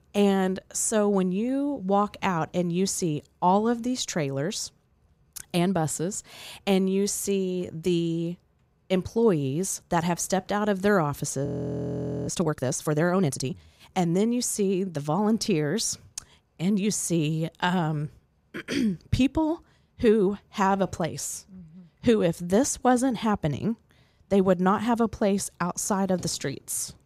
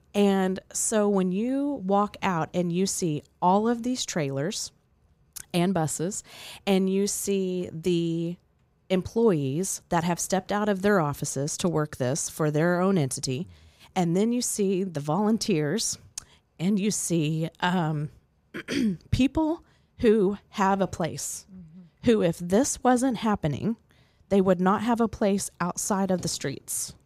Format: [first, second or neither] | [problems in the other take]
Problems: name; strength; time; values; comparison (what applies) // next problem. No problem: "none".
second | audio freezing; at 11 s for 1 s